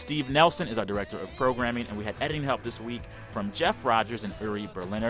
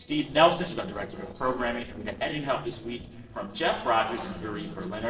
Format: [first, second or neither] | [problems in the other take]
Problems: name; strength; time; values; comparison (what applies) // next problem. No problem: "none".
first | noise reduction (neural separator model SepFormer DNS4)